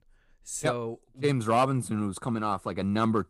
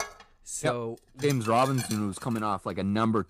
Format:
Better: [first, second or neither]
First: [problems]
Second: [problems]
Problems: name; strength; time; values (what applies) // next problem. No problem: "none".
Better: first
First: none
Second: clattering dishes; noticeable; until 2.5 s; peak 8 dB below the speech